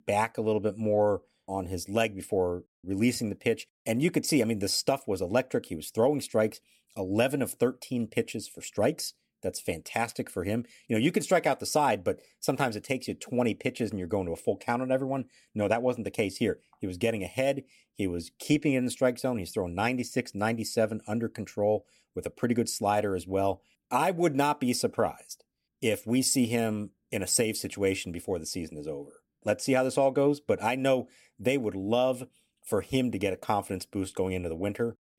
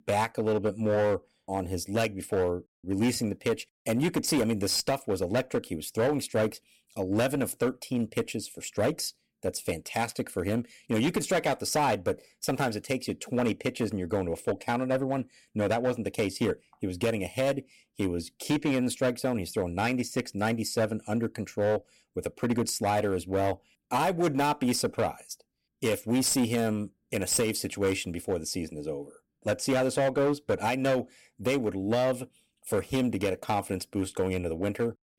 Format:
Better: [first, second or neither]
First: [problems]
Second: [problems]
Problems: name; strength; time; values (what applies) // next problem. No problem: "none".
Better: first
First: none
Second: distortion; slight; 9% of the sound clipped